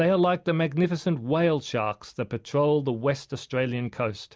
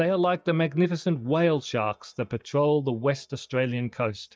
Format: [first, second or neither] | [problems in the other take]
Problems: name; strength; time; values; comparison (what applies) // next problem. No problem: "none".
first | noise reduction (neural mask model DeepFilterNet 3)